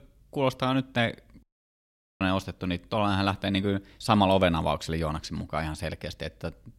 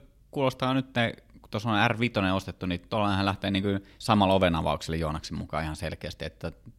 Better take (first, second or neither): second